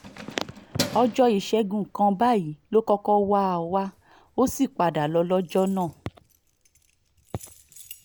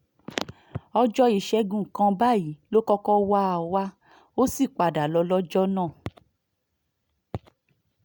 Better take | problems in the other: second | background sound (Keys jangling); 16 dB below the speech

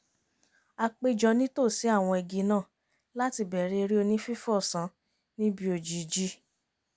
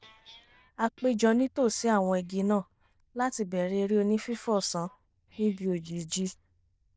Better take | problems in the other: first | noise reduction (neural diffusion model UNIVERSE++)

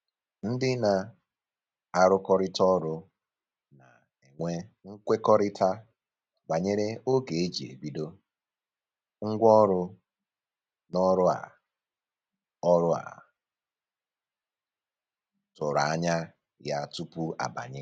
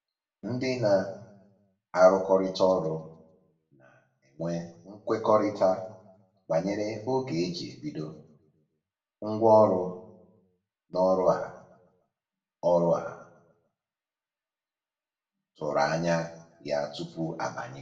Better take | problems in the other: first | room echo; dies away in 0.6 s

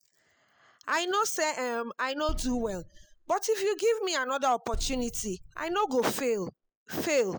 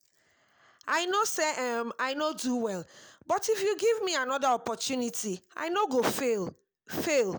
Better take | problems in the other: second | noise reduction (classical method spectral subtraction)

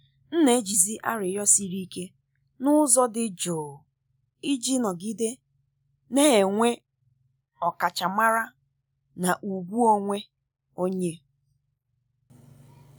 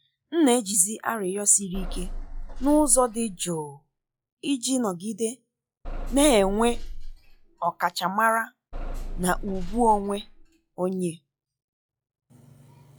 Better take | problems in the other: first | noise reduction (classical method log-MMSE)

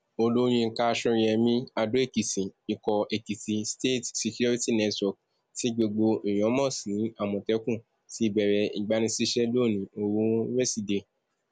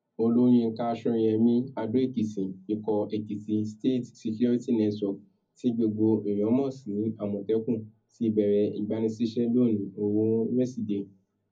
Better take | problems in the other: first | room echo; dies away in 0.4 s

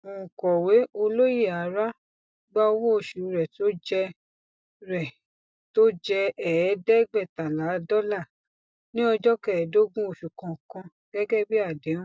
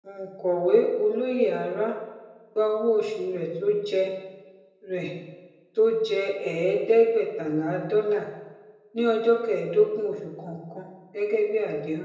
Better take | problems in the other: first | room echo; dies away in 0.9 s

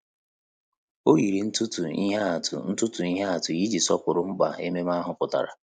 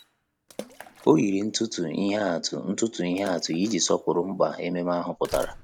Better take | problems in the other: first | background sound (Slam + Water / Splash, splatter); 19 dB below the speech

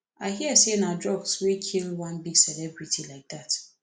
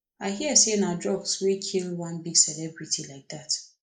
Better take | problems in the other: first | noise reduction (neural mask model Resemble Enhance denoiser)

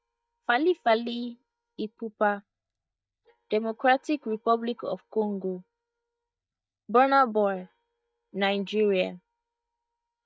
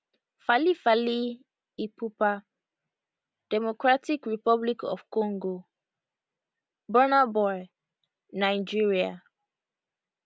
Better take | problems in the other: second | noise reduction (neural mask model DeepFilterNet 3)

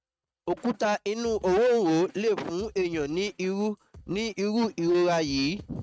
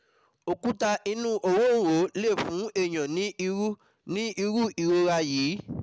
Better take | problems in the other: second | noise reduction (neural mask model RNNoise)

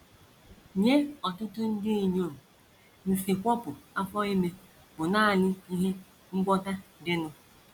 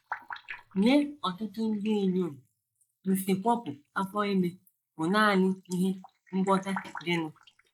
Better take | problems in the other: first | noise reduction (neural mask model Resemble Enhance denoiser)

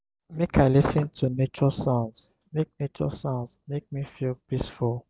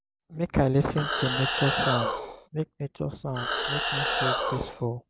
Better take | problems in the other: first | background sound (Animal); as loud as the speech

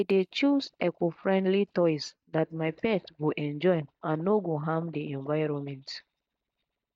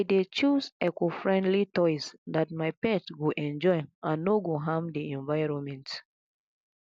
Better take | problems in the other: second | noise reduction (neural mask model DeepFilterNet 3)

